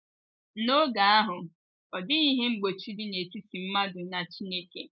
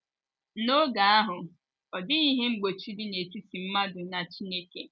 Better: second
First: noise reduction (neural mask model Resemble Enhance denoiser)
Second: none

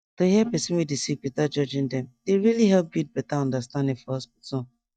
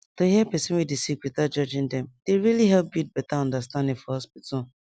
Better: second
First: noise reduction (neural mask model DeepFilterNet 3)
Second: none

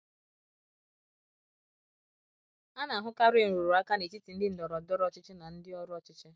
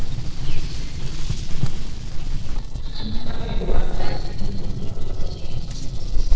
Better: first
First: none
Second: noise reduction (neural separator model SepFormer DNS4)

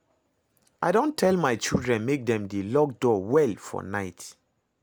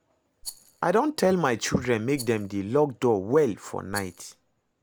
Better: first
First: none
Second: background sound (Rattle); 19 dB below the speech

